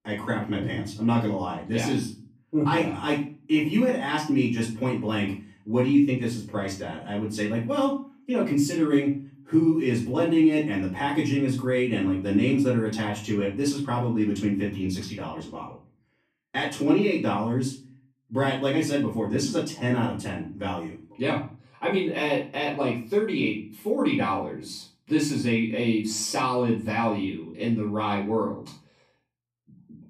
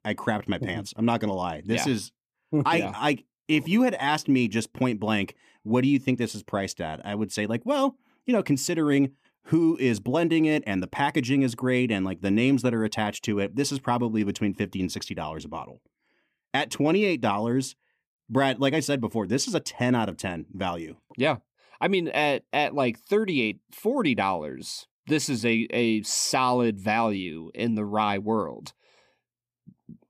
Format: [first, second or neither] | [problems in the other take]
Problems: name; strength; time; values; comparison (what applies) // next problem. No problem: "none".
second | off-mic speech; far // room echo; slight; dies away in 0.4 s